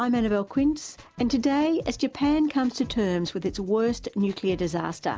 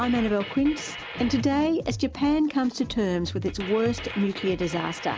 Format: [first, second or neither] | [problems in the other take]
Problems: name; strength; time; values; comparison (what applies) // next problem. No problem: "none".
first | background sound (Drum kit); 12 dB below the speech